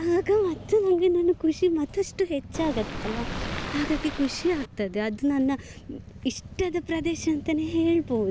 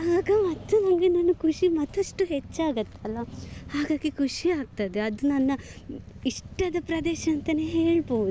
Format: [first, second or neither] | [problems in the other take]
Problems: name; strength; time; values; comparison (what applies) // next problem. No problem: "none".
second | background sound (Waves, surf); 8 dB below the speech